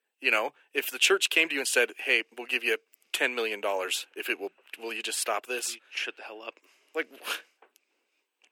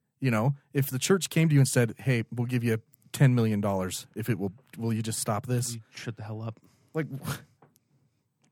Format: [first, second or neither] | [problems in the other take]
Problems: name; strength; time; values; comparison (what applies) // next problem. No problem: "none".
second | thin; very; fading below 350 Hz